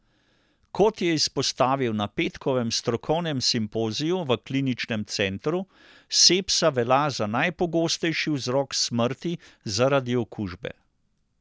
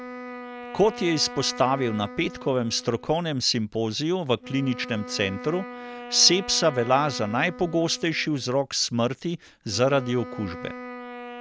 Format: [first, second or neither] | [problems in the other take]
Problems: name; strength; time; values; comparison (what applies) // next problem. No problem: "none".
first | background sound (Wind instrument, woodwind instrument); 14 dB below the speech